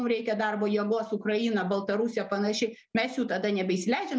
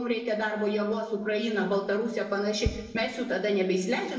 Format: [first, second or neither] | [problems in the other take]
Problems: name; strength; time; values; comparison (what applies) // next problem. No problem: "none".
first | noise reduction (neural separator model SepFormer DNS4)